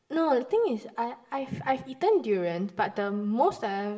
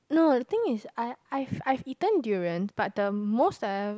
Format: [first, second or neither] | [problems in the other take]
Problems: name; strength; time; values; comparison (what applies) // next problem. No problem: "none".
second | room echo; dies away in 0.7 s